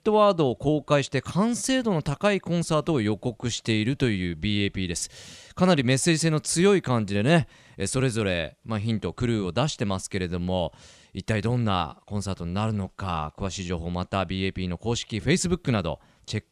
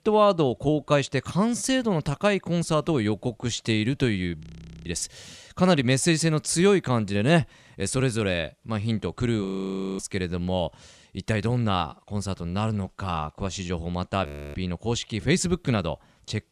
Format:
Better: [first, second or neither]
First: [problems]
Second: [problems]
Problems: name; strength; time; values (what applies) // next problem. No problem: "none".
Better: first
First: none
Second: audio freezing; at 4.5 s, at 9.5 s for 0.5 s and at 14 s